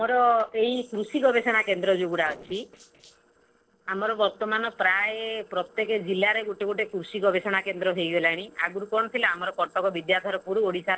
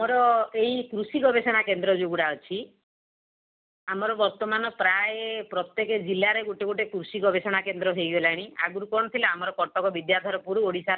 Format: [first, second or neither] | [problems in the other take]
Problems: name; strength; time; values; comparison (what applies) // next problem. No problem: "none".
second | noise reduction (neural separator model SepFormer DNS4)